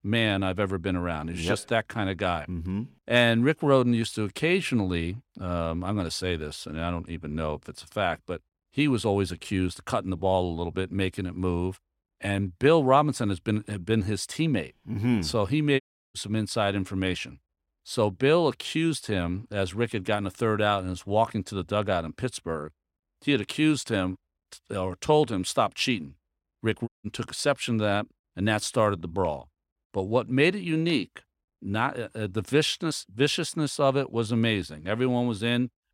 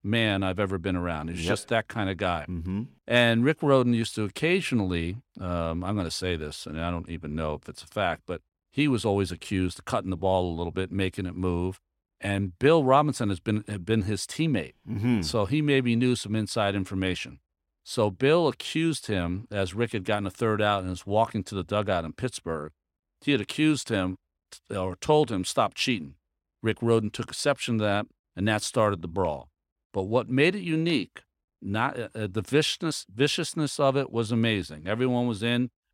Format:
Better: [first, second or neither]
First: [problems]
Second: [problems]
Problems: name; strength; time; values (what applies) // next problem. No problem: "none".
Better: second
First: audio cutting out; at 16 s and at 27 s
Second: none